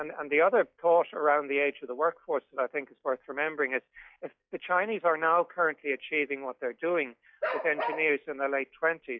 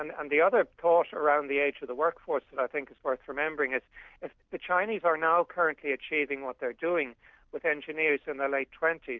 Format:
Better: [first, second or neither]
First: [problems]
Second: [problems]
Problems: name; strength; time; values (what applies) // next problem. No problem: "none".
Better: second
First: noise reduction (classical method log-MMSE)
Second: none